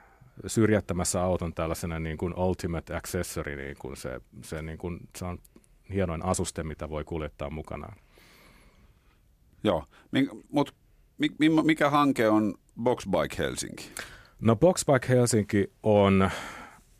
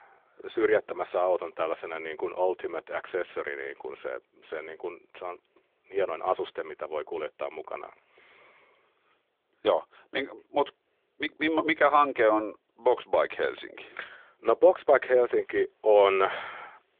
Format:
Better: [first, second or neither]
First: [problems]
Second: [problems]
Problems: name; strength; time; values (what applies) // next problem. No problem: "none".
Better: first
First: none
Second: phone-call audio; nothing above 3.5 kHz